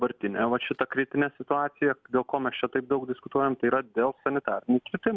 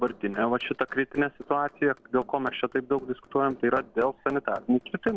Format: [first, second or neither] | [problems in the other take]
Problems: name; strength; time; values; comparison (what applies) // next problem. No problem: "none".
first | noise reduction (neural separator model SepFormer DNS4)